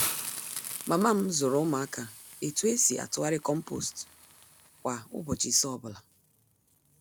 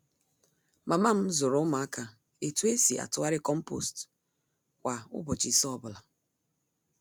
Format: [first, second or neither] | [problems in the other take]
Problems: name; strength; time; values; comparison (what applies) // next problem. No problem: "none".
second | background sound (Hiss); 11 dB below the speech